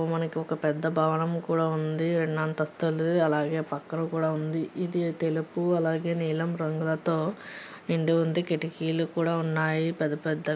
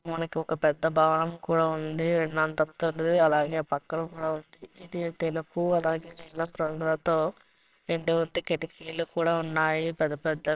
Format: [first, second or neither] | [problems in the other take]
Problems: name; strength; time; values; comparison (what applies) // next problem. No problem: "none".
first | noise reduction (neural separator model SepFormer WHAMR!)